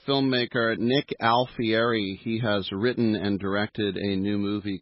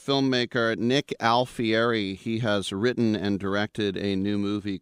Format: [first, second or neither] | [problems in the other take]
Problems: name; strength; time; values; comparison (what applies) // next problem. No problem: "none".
second | garbled, watery; badly; nothing above 5.5 kHz